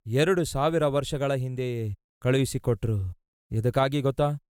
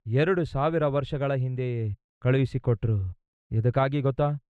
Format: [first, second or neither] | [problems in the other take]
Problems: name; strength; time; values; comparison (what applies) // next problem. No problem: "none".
first | muffled; slightly; fading above 2.5 kHz